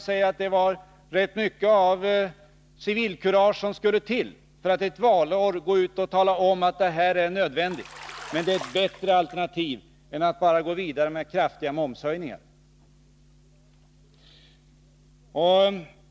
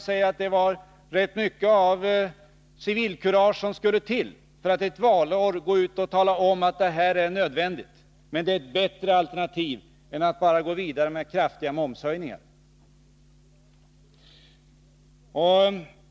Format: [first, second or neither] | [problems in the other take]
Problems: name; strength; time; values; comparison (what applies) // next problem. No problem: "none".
second | background sound (Bathtub (filling or washing)); 17 dB below the speech